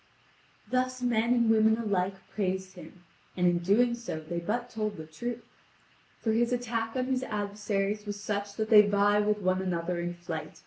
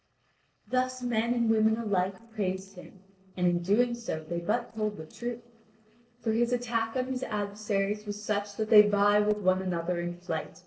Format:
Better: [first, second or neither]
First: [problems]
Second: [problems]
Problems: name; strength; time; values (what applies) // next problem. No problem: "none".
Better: first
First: none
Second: noise reduction (neural separator model SepFormer DNS4)